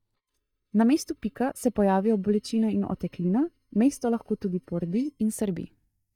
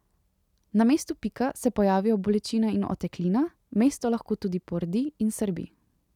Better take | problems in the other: second | noise reduction (neural mask model DeepFilterNet 3)

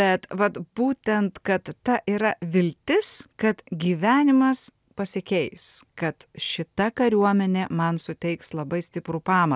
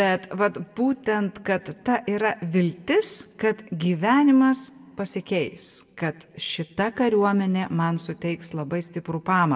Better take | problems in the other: first | room echo; dies away in 1.5 s

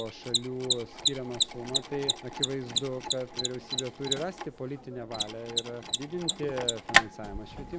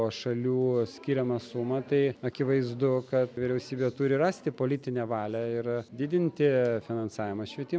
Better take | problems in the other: second | background sound (Mechanisms); 4 dB above the speech

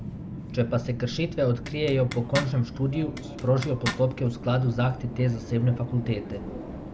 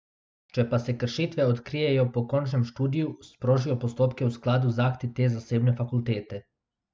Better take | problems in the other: second | background sound (Zipper (clothing) + Subway, metro, underground); 9 dB below the speech

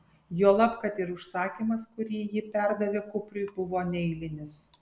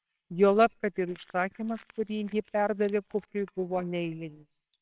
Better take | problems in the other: first | noise reduction (neural separator model SepFormer WHAMR!)

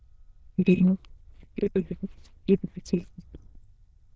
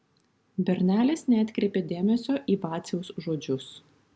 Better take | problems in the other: second | noise reduction (neural diffusion model UNIVERSE++)

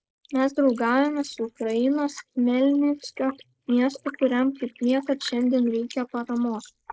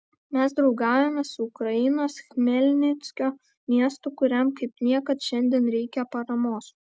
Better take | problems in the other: second | noise reduction (neural mask model Resemble Enhance denoiser)

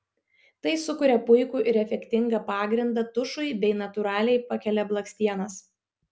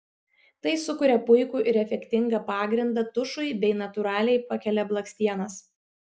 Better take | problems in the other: first | noise reduction (neural mask model Resemble Enhance denoiser)

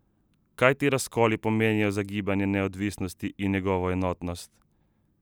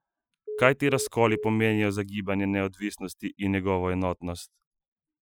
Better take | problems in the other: first | noise reduction (classical method Wiener filter)

